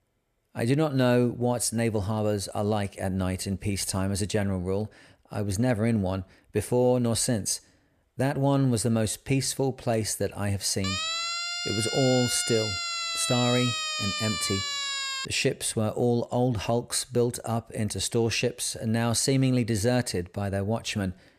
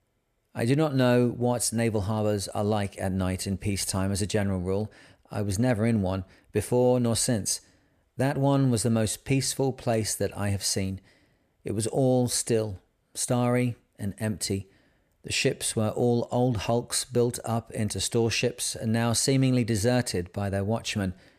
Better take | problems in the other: second | siren; noticeable; from 11 to 15 s; peak level with the speech

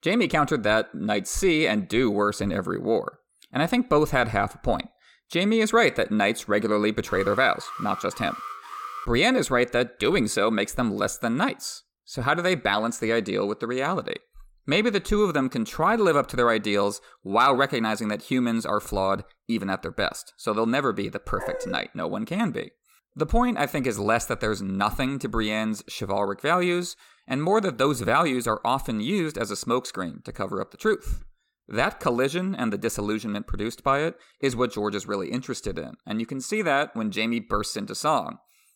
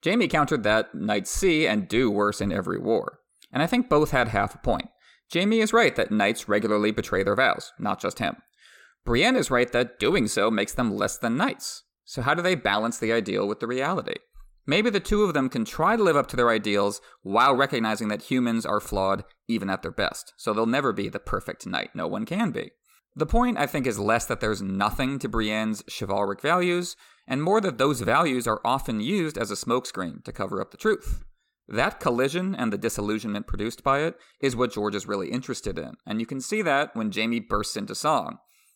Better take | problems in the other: second | alarm; faint; from 7 to 9 s; peak 10 dB below the speech // dog barking; noticeable; at 21 s; peak 8 dB below the speech

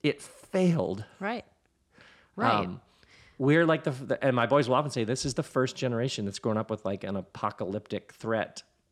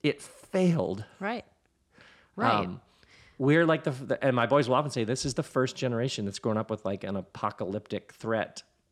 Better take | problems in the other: neither | none

